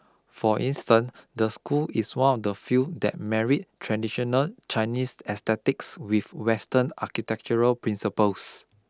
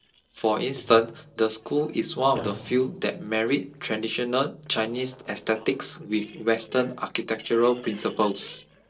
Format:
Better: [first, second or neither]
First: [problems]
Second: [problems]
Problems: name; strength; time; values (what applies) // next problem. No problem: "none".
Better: first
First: none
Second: noise reduction (neural separator model SepFormer DNS4)